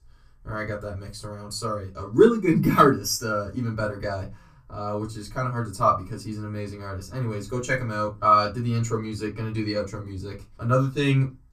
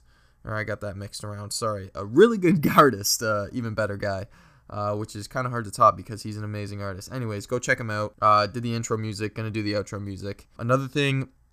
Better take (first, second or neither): second